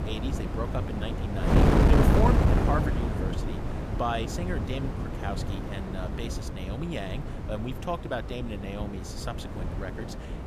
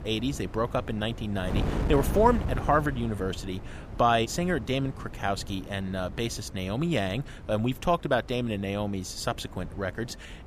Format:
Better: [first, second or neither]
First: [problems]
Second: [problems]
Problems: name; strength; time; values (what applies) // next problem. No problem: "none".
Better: second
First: wind noise on the microphone; heavy; 1 dB above the speech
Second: wind noise on the microphone; occasional gusts; 15 dB below the speech